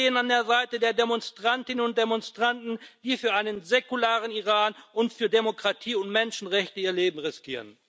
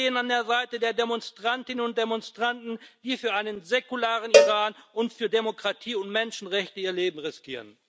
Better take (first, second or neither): first